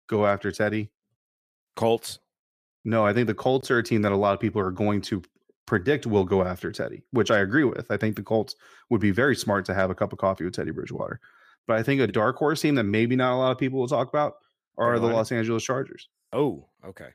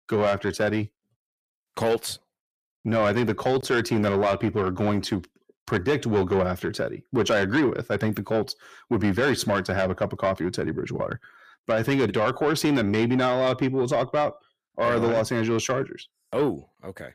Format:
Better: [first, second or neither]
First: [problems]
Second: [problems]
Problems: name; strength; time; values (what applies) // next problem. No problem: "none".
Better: first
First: none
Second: distortion; slight; 10 dB below the speech